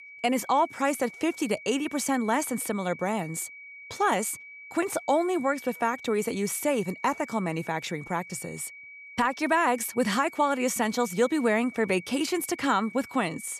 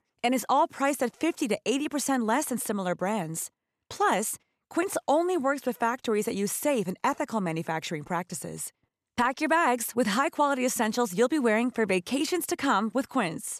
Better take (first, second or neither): second